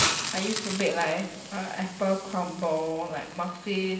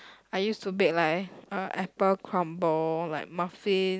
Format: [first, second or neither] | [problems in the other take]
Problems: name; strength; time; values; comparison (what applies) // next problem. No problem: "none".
second | background sound (Hiss); 5 dB below the speech // room echo; dies away in 0.9 s